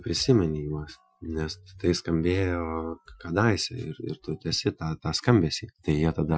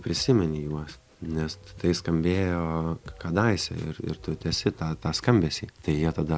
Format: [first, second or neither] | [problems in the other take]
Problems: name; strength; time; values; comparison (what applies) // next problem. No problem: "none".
second | noise reduction (classical method Wiener filter)